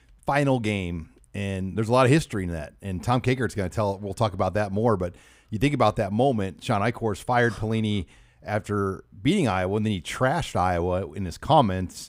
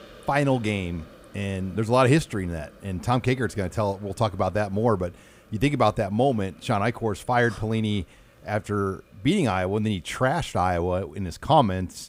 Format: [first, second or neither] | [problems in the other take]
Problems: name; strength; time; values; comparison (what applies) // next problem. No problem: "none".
first | hiss; faint; throughout; 25 dB below the speech